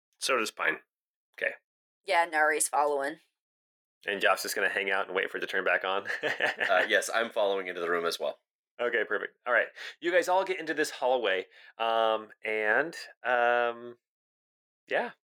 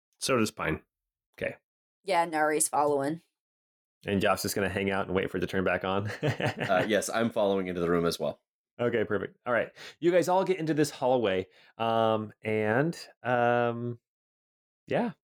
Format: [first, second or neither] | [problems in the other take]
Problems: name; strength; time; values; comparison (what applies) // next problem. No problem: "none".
second | thin; very; fading below 500 Hz